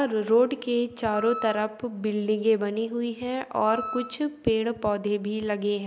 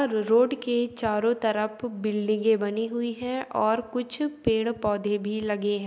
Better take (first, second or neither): second